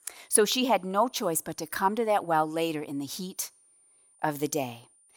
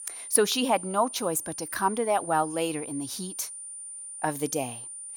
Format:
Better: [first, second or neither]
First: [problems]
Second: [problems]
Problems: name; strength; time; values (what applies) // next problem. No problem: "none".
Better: first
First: high-pitched whine; faint; throughout; 9 kHz, 30 dB below the speech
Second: high-pitched whine; loud; throughout; 9 kHz, 9 dB below the speech